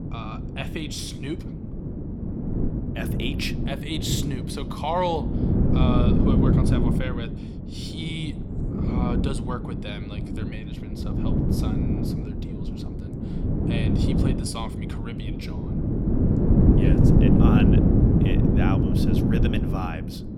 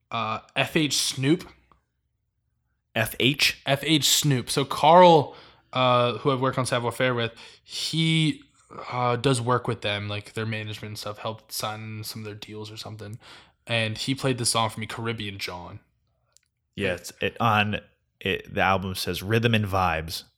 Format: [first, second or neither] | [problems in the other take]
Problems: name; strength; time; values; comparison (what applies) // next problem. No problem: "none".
second | wind noise on the microphone; heavy; 2 dB above the speech